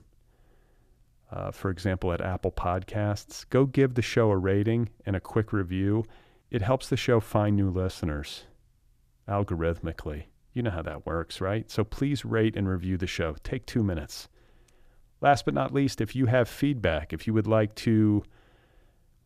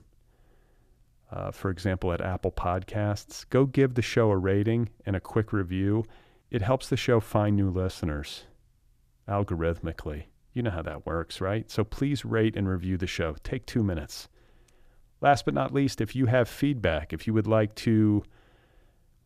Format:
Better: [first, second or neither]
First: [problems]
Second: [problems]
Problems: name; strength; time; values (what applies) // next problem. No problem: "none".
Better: neither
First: none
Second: none